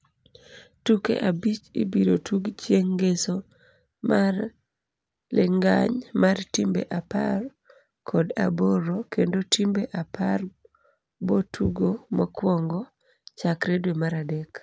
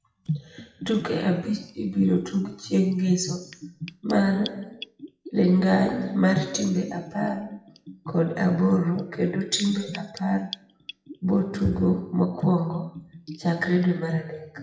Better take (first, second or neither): first